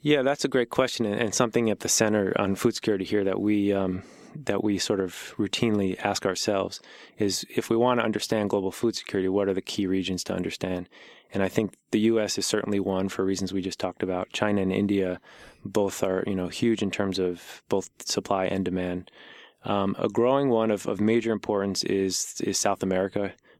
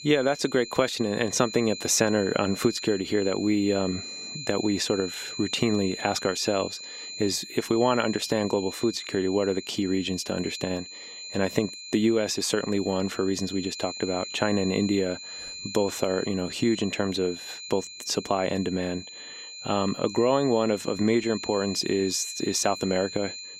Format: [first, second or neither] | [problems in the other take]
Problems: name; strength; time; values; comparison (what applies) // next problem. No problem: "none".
first | high-pitched whine; noticeable; throughout; 4 kHz, 10 dB below the speech